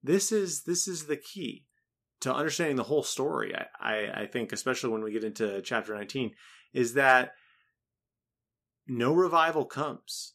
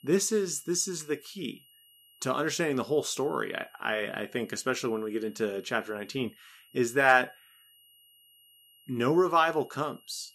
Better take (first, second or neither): first